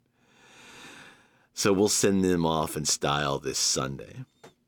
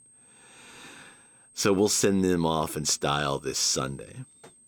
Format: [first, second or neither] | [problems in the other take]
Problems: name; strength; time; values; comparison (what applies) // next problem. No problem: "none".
first | high-pitched whine; faint; throughout; 8.5 kHz, 30 dB below the speech